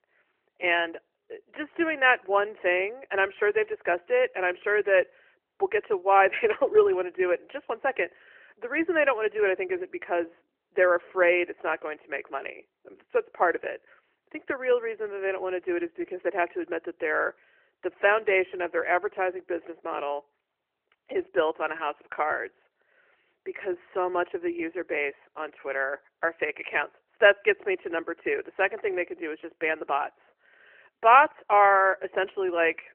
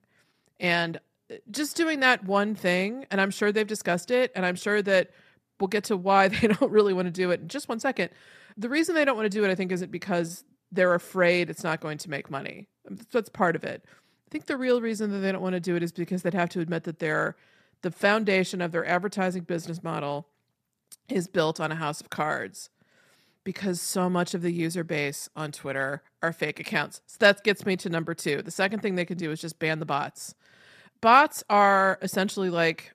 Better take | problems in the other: second | phone-call audio; nothing above 3 kHz

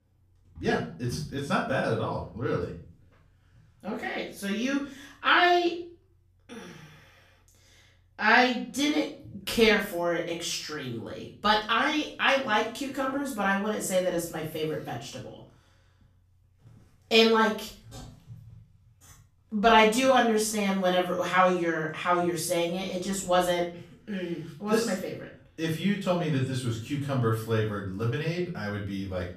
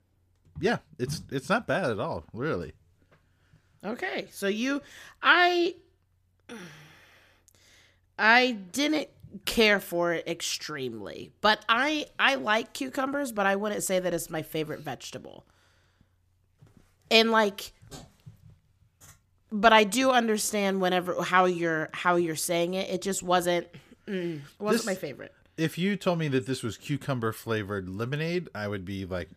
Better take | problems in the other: second | off-mic speech; far // room echo; slight; dies away in 0.4 s

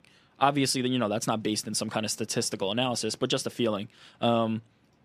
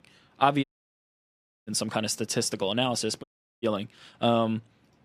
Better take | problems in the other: first | audio cutting out; at 0.5 s for 1 s and at 3 s

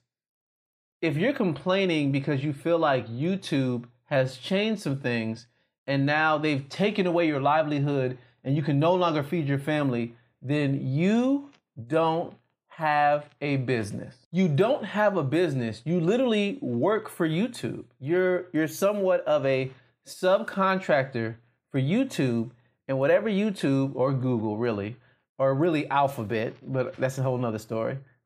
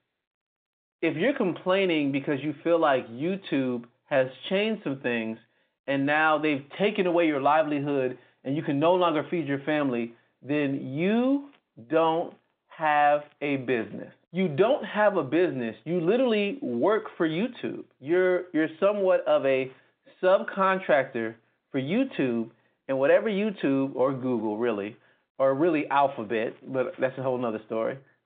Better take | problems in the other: first | phone-call audio; nothing above 3.5 kHz

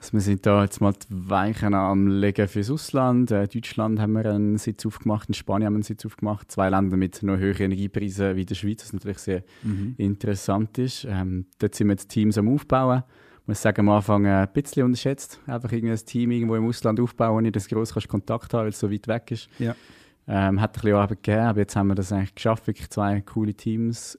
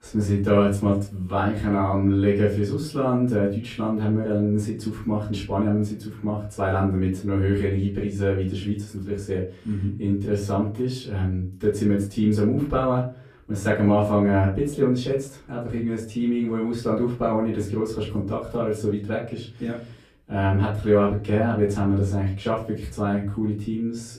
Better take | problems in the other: first | room echo; slight; dies away in 0.3 s // off-mic speech; far

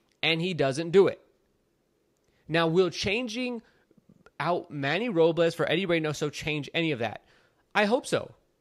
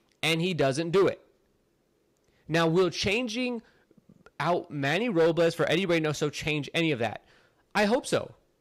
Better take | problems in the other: first | distortion; slight; 4% of the sound clipped

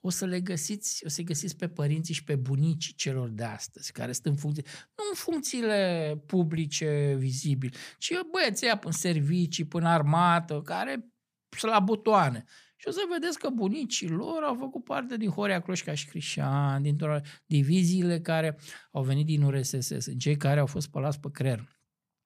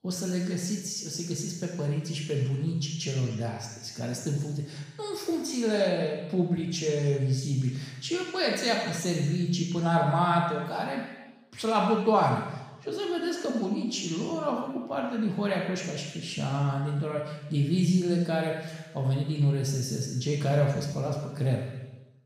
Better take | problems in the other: first | room echo; noticeable; dies away in 1.1 s // off-mic speech; far

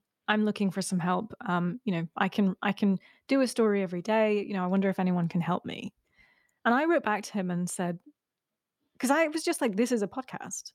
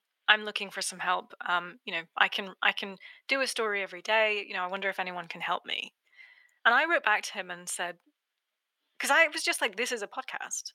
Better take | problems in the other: first | thin; very; fading below 650 Hz

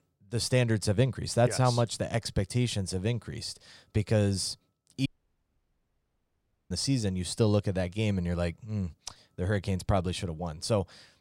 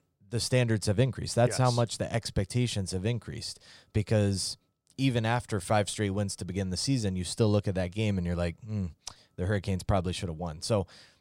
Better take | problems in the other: second | audio cutting out; at 5 s for 1.5 s

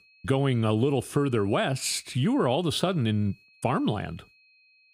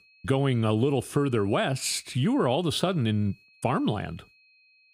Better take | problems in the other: neither | high-pitched whine; faint; throughout; 2.5 kHz, 30 dB below the speech; the same in both

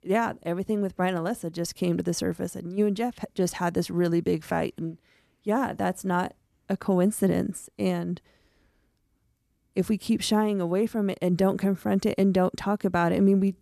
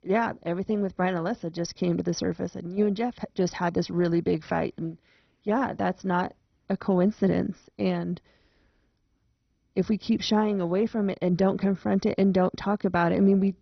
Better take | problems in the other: first | garbled, watery; badly; nothing above 6 kHz

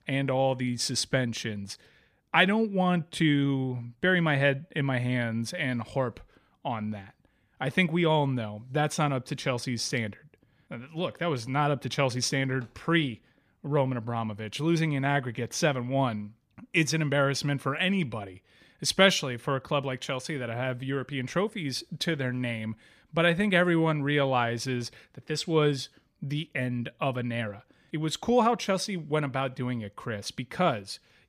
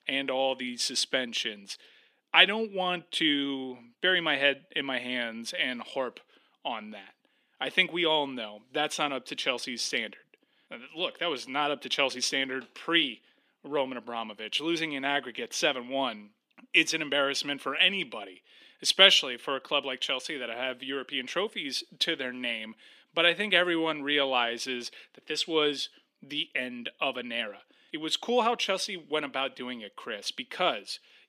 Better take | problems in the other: first | thin; somewhat; fading below 250 Hz

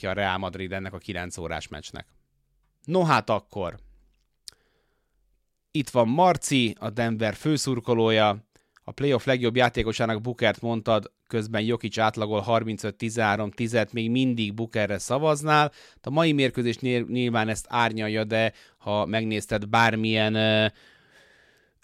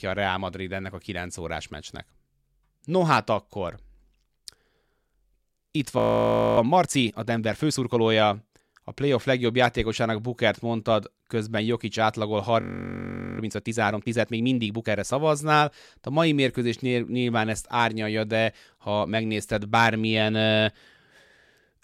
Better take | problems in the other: first | audio freezing; at 6 s for 0.5 s and at 13 s for 1 s

